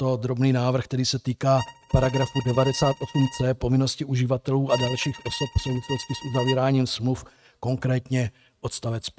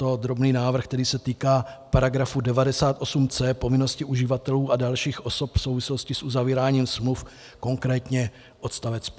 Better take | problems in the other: second | noise reduction (neural mask model RNNoise)

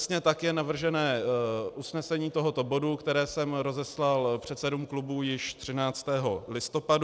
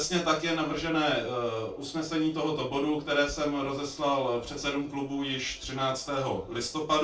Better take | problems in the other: first | room echo; dies away in 0.2 s

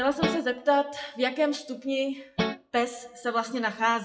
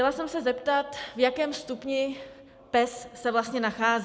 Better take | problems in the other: second | noise reduction (classical method WPE with log-MMSE)

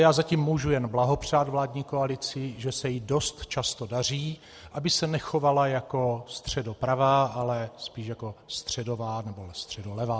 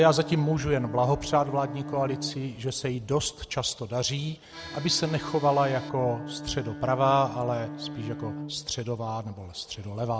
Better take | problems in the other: first | background sound (Bowed string instrument + Accordion); 12 dB below the speech

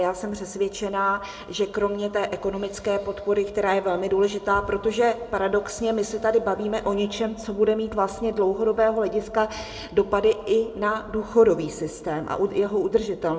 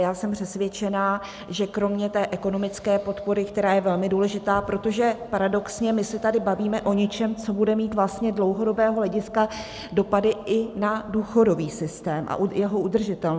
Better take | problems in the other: second | room echo; dies away in 1.1 s

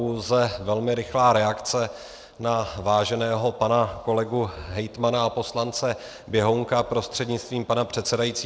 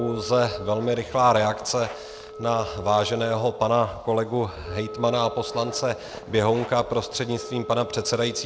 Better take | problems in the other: first | background sound (Wind instrument, woodwind instrument + Zipper (clothing)); 14 dB below the speech

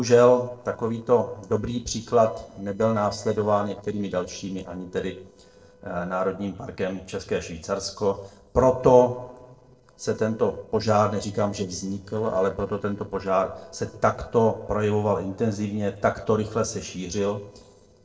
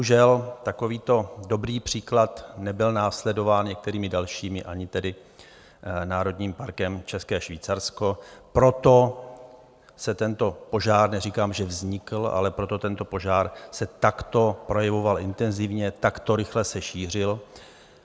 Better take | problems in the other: second | noise reduction (neural separator model SepFormer DNS4)

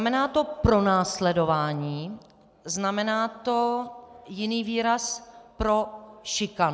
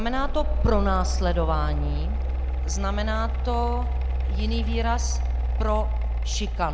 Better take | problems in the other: first | background sound (Mechanical fan); 5 dB above the speech

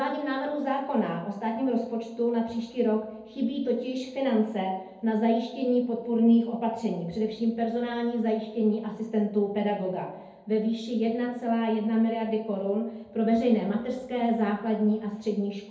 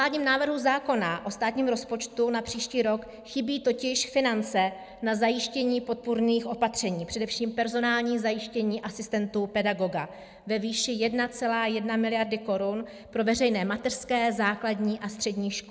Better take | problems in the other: second | room echo; dies away in 2 s

